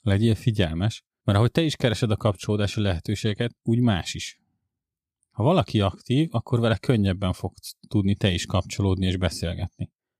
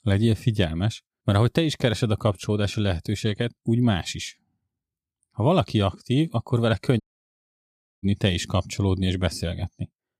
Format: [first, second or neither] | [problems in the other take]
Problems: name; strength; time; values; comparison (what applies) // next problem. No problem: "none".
first | audio cutting out; at 7 s for 1 s